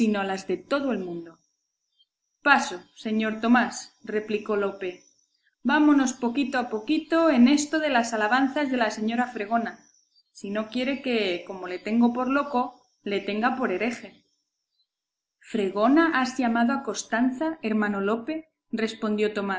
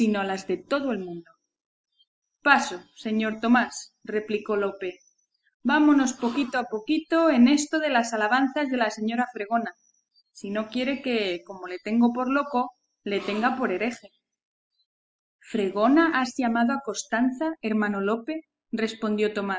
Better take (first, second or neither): first